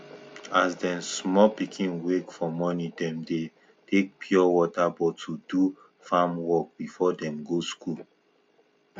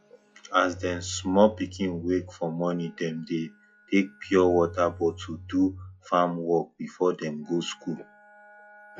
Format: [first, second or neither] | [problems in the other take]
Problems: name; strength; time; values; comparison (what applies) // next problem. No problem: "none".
first | noise reduction (classical method log-MMSE)